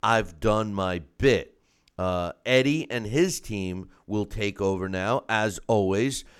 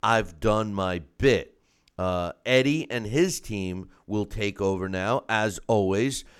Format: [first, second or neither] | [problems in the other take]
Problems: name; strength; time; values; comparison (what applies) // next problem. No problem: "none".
neither | none